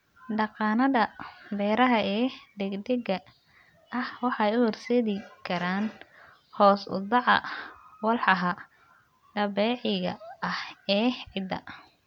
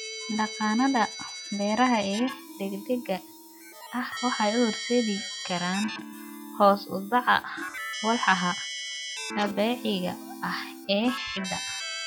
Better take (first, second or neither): first